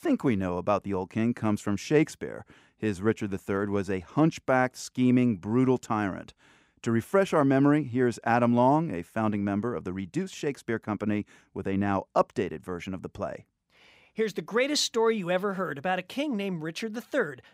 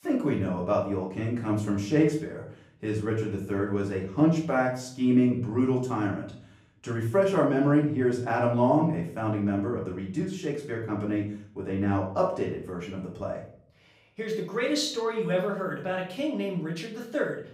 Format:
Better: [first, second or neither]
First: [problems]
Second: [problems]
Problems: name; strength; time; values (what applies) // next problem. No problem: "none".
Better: first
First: none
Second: off-mic speech; far // room echo; slight; dies away in 0.5 s